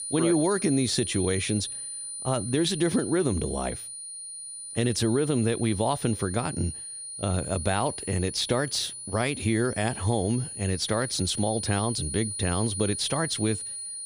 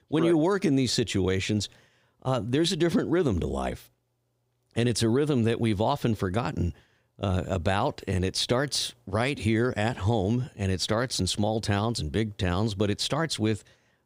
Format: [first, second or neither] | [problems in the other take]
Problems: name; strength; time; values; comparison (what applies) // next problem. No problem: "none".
second | high-pitched whine; loud; throughout; 9.5 kHz, 6 dB below the speech